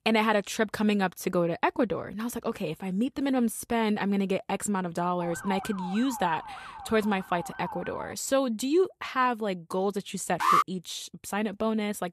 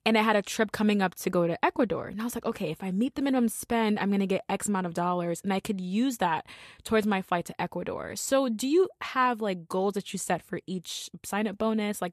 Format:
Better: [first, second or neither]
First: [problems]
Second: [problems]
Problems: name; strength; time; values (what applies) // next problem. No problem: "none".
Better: second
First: siren; noticeable; from 5 to 8 s; peak 9 dB below the speech // alarm; loud; at 10 s; peak 5 dB above the speech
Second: none